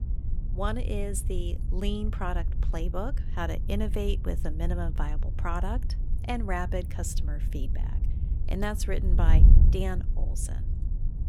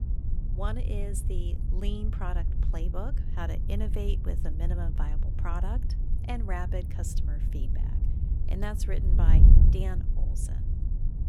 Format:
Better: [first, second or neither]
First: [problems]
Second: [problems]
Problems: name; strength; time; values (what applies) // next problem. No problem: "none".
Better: first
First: wind noise on the microphone; occasional gusts; 10 dB below the speech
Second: wind noise on the microphone; heavy; 5 dB below the speech